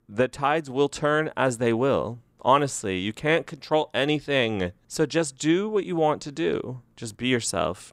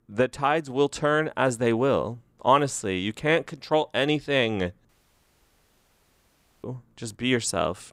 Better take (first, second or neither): first